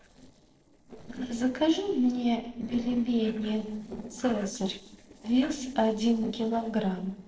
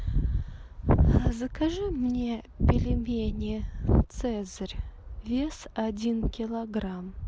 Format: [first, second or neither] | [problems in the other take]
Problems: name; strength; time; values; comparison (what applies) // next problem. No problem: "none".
second | noise reduction (neural separator model SepFormer DNS4)